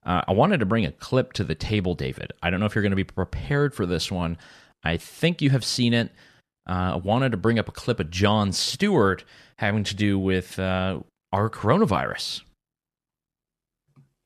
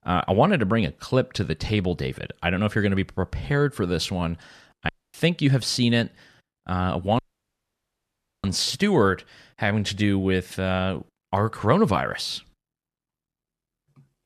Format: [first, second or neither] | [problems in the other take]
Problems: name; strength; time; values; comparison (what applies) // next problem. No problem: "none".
first | audio cutting out; at 5 s and at 7 s for 1 s